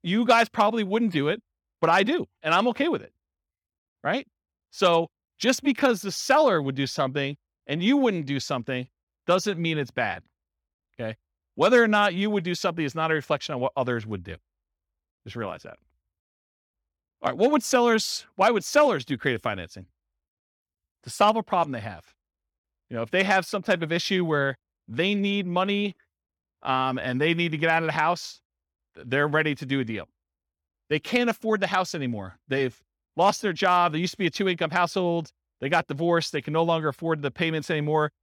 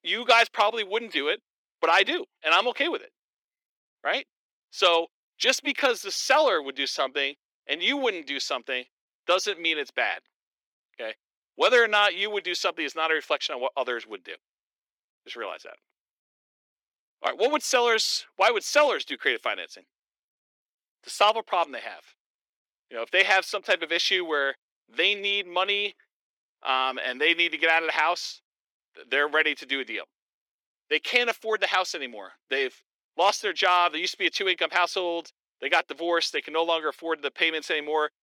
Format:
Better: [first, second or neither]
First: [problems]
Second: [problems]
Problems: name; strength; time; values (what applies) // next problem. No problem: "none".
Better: first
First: none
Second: thin; very; fading below 350 Hz